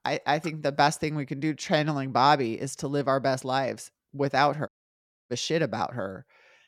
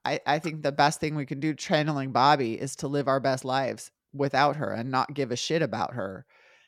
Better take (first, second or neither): second